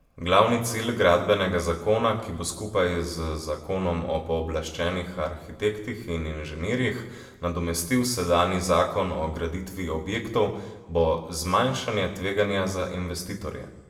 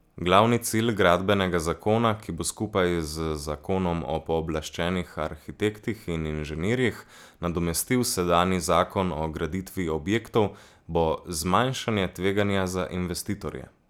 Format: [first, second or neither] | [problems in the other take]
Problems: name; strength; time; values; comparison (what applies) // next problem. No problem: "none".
second | room echo; dies away in 0.9 s